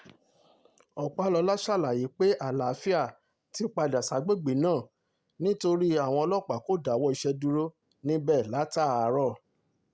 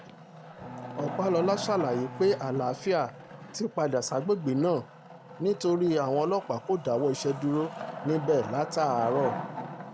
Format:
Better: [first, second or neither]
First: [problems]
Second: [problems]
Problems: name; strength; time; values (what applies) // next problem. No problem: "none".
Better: first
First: none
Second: background sound (Bowed string instrument + Wood); 11 dB below the speech